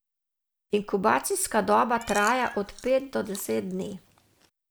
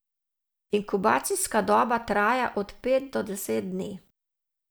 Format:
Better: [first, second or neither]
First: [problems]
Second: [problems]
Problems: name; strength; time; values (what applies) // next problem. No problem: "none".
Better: second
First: background sound (Cat + Chewing, mastication); 17 dB below the speech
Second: none